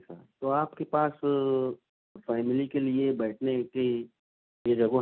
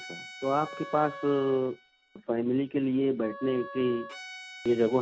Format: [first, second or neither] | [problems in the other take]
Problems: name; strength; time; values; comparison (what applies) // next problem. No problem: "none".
first | background sound (Bowed string instrument + Wind instrument, woodwind instrument); 15 dB below the speech